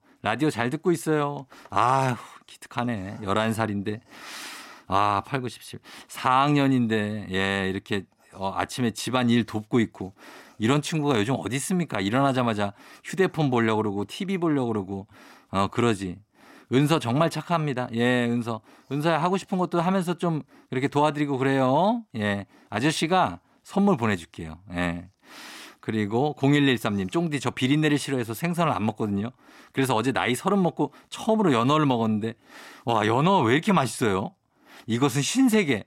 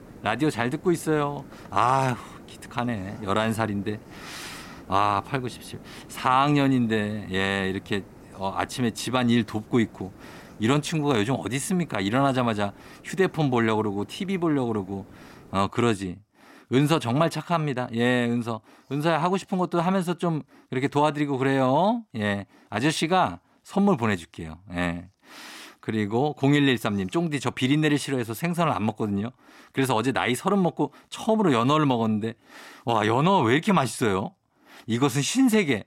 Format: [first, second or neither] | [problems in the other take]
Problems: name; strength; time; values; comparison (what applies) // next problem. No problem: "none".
first | hiss; faint; until 16 s; 25 dB below the speech